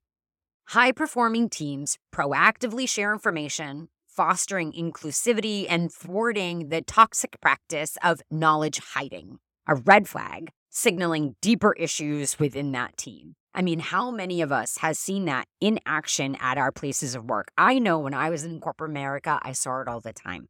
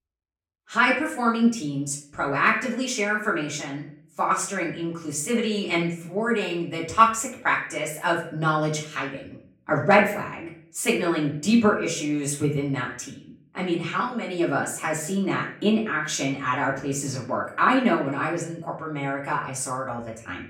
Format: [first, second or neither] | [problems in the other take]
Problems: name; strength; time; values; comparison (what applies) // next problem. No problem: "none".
first | room echo; slight; dies away in 0.5 s // off-mic speech; far